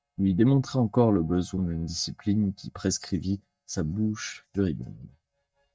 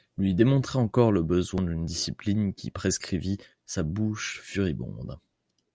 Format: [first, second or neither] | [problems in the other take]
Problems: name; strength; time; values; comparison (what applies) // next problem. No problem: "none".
second | noise reduction (neural mask model DeepFilterNet 3)